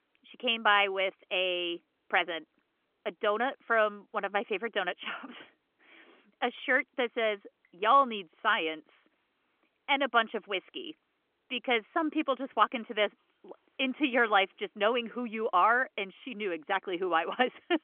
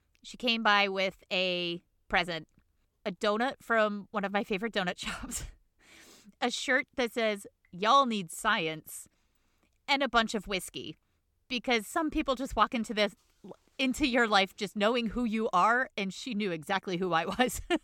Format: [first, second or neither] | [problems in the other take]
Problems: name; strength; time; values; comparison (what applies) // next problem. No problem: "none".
second | phone-call audio; nothing above 3.5 kHz